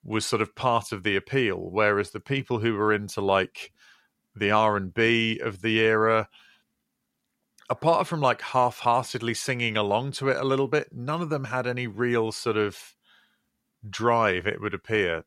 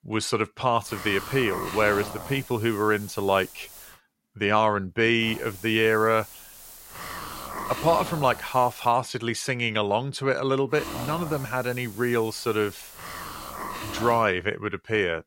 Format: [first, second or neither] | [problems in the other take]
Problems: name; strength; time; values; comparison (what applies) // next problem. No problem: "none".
first | hiss; noticeable; from 1 to 4 s, from 5 to 9 s and from 11 to 14 s; 10 dB below the speech